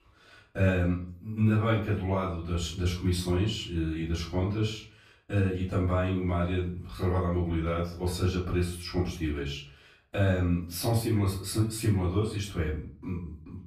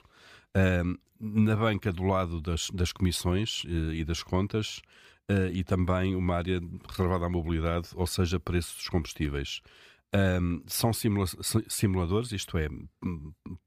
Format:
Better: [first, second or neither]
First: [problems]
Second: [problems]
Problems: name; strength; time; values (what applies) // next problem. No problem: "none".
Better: second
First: off-mic speech; far // room echo; noticeable; dies away in 0.4 s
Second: none